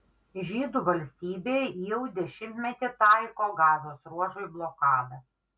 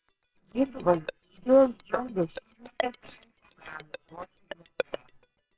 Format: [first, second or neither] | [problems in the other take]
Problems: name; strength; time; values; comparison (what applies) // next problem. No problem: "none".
first | noise reduction (neural separator model SepFormer WHAMR!)